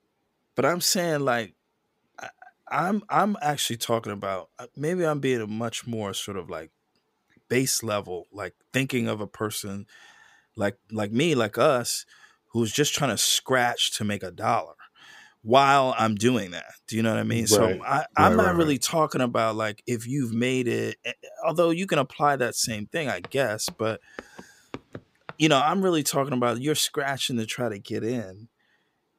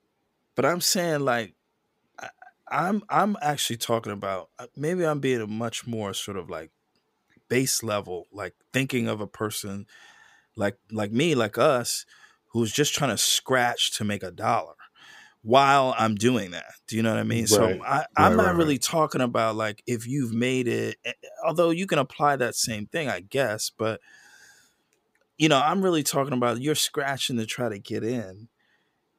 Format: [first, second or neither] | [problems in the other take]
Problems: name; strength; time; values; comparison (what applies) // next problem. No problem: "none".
second | footsteps; faint; from 23 to 25 s; peak 15 dB below the speech